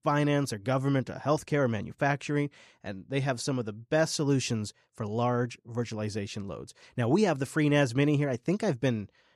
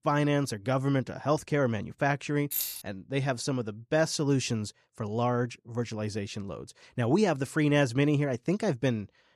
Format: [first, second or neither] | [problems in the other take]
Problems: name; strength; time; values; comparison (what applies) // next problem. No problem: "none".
first | jangling keys; noticeable; at 2.5 s; peak 2 dB below the speech